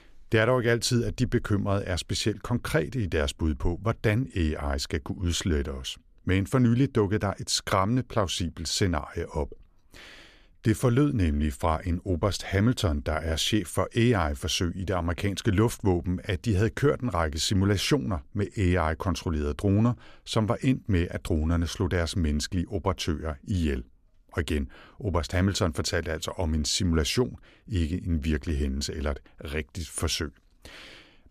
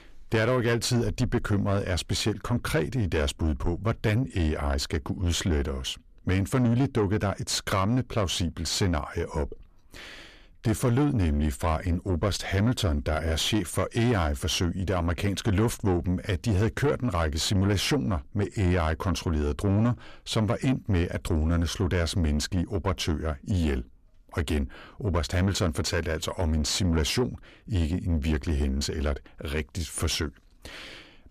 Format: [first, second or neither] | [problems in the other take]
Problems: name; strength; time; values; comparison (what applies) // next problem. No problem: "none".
first | distortion; slight; 10 dB below the speech